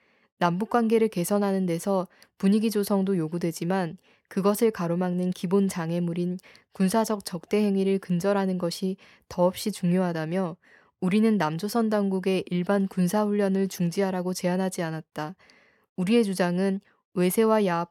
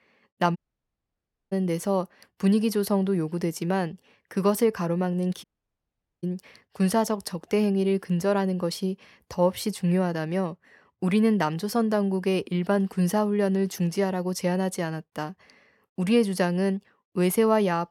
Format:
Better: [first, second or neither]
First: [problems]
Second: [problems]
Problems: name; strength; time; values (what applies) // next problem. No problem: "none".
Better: first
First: none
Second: audio cutting out; at 0.5 s for 1 s and at 5.5 s for 1 s